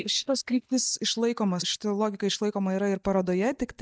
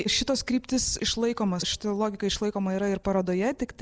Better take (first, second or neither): second